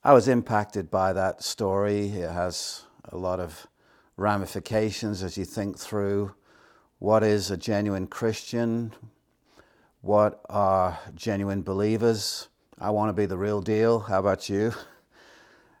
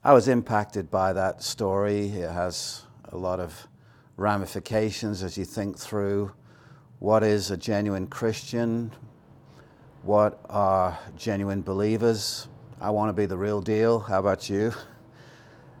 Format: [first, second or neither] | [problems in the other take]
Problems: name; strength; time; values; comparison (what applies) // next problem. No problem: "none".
first | train or aircraft noise; faint; throughout; 25 dB below the speech